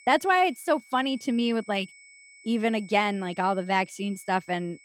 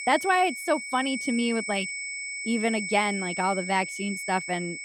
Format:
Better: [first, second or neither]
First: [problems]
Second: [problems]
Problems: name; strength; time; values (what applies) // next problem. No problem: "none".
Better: first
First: high-pitched whine; faint; throughout; 2 kHz, 25 dB below the speech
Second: high-pitched whine; loud; throughout; 2 kHz, 5 dB below the speech